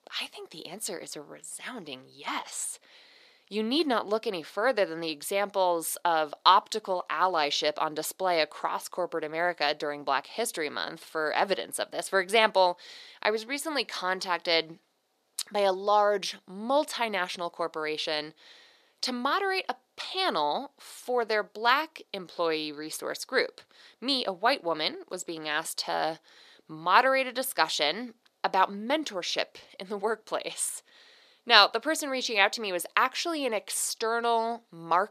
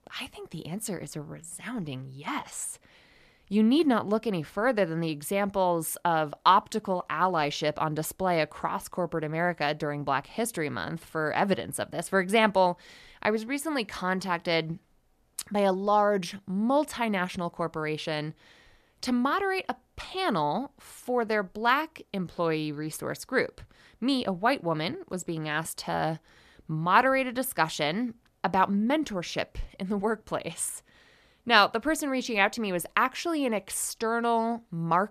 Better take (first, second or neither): second